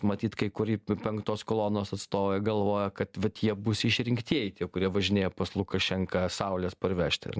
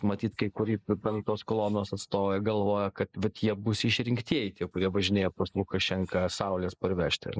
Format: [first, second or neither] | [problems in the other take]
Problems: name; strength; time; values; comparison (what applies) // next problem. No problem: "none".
first | noise reduction (neural mask model Resemble Enhance denoiser)